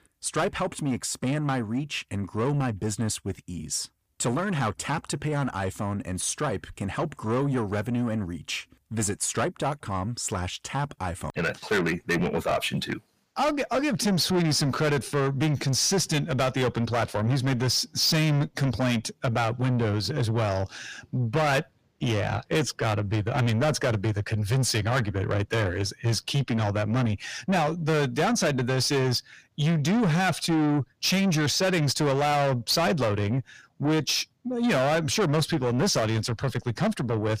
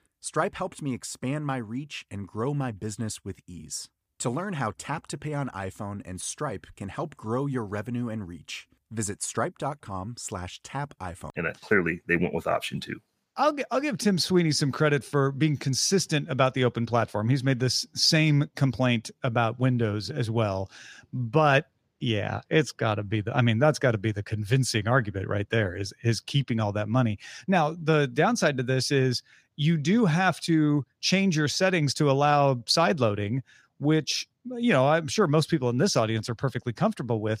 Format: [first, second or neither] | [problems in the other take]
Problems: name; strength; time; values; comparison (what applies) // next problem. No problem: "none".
second | distortion; heavy; 7 dB below the speech